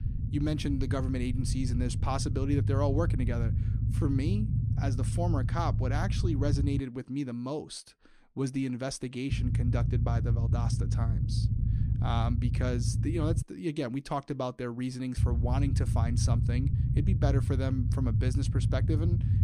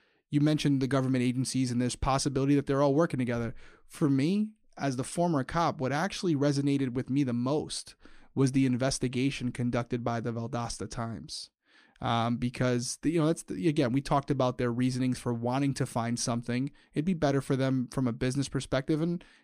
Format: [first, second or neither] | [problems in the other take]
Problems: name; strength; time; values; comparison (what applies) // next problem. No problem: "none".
second | low rumble; loud; until 7 s, from 9.5 to 13 s and from 15 s on; 6 dB below the speech